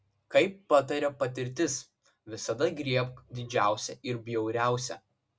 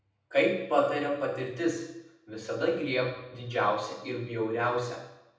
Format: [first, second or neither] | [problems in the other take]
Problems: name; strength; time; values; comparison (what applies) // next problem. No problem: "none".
first | room echo; dies away in 0.8 s